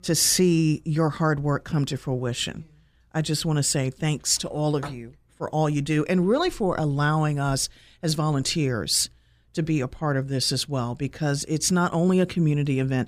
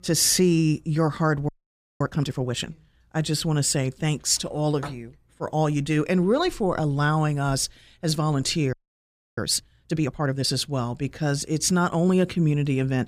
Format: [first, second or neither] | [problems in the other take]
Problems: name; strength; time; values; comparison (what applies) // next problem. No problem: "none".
first | audio freezing; at 1.5 s for 0.5 s and at 8.5 s for 0.5 s